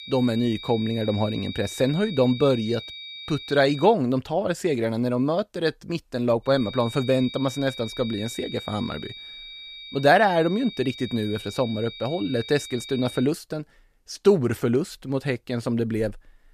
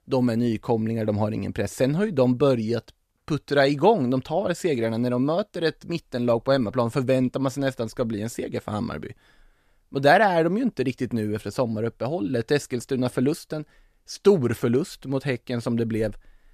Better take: second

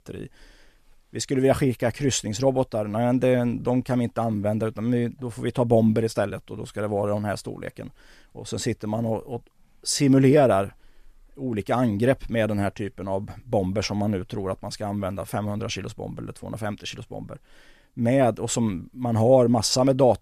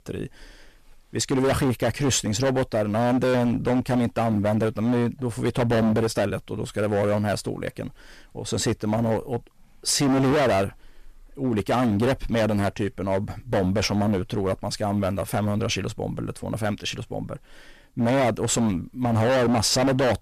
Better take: first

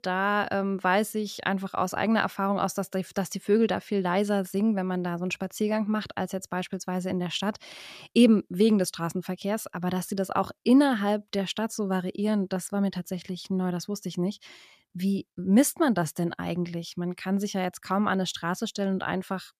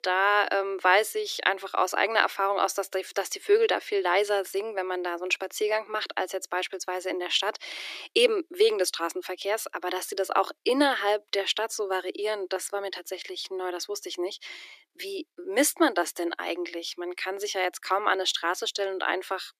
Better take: first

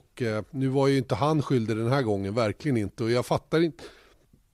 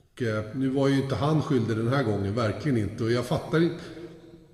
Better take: first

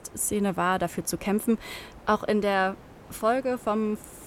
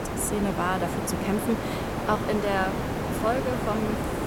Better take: first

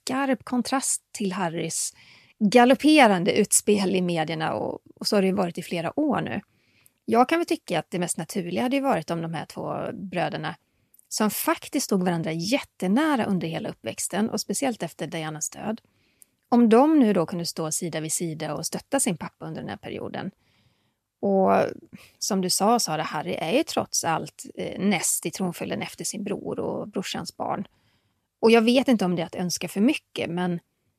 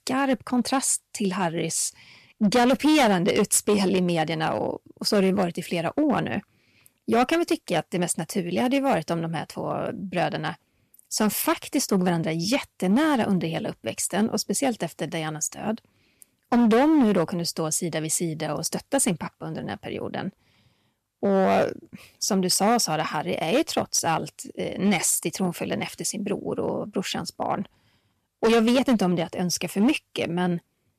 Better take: first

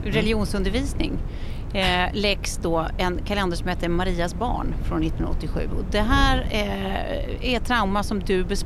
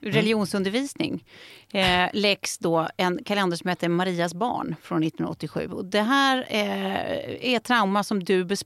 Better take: second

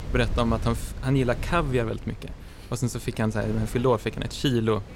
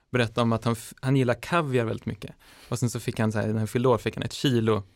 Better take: second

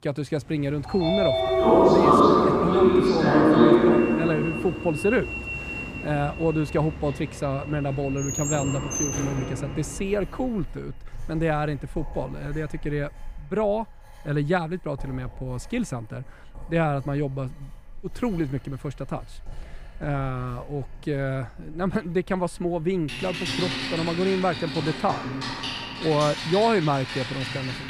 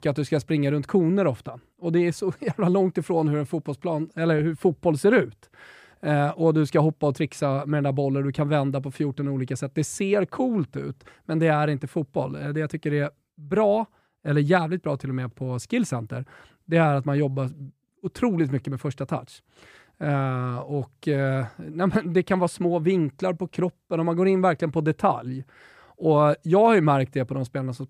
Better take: second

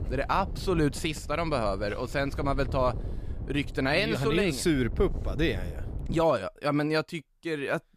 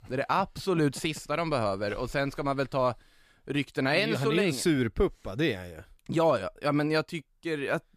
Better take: second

